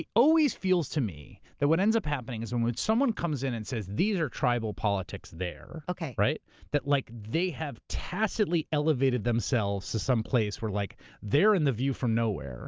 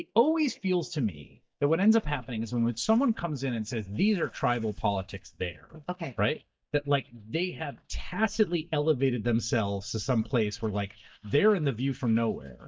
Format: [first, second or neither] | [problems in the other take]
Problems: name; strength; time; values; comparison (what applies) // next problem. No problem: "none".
first | noise reduction (neural mask model DeepFilterNet 3)